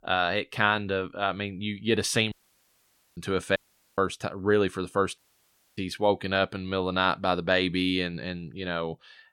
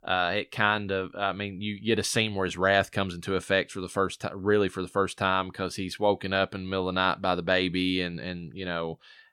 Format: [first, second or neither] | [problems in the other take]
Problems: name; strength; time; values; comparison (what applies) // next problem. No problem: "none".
second | audio cutting out; at 2.5 s for 1 s, at 3.5 s and at 5 s for 0.5 s